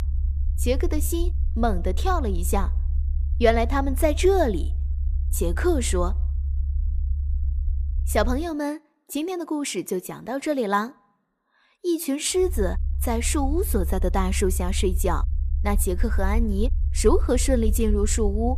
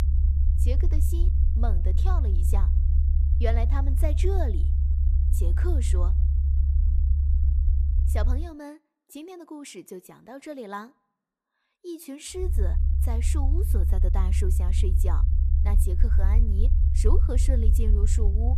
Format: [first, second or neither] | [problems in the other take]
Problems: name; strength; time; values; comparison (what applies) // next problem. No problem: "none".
first | low rumble; loud; until 8.5 s and from 12 s on; 5 dB below the speech; faint in the first